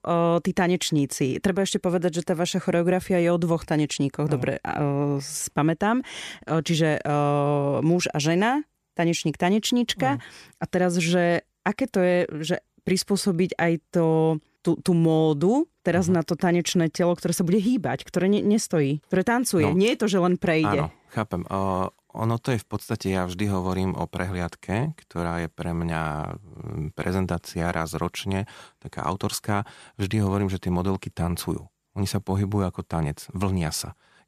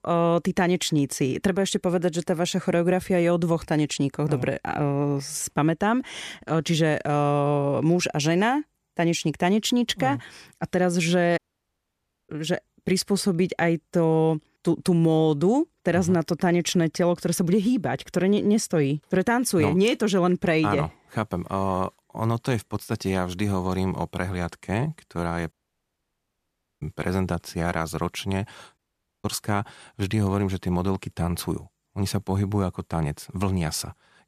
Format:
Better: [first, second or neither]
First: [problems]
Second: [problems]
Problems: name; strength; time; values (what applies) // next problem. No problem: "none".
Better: first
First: none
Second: audio cutting out; at 11 s for 1 s, at 26 s for 1.5 s and at 29 s